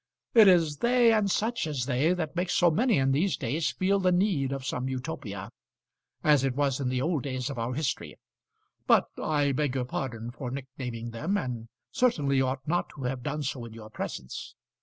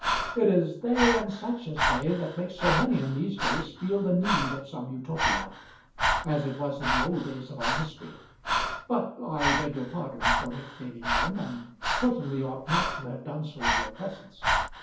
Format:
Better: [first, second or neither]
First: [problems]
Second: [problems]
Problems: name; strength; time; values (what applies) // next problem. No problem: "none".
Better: first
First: none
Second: background sound (Breathing); as loud as the speech // room echo; dies away in 0.6 s